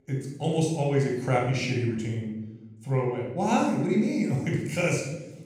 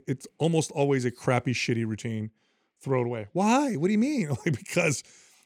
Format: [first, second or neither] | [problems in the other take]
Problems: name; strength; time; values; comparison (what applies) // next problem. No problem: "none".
second | off-mic speech; somewhat distant // room echo; noticeable; dies away in 0.8 s